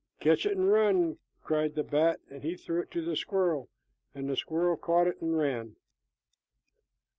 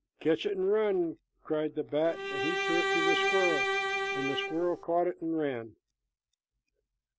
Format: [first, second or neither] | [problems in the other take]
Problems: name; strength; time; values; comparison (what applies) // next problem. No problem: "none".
first | background sound (Bowed string instrument); 2 dB above the speech